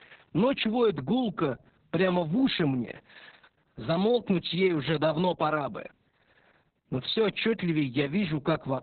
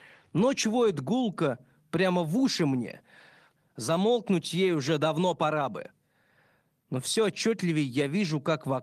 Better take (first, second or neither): second